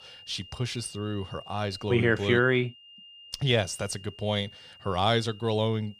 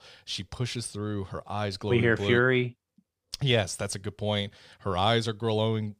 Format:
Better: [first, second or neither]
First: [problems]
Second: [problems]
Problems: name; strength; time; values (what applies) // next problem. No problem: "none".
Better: second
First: high-pitched whine; noticeable; throughout; 3 kHz, 20 dB below the speech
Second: none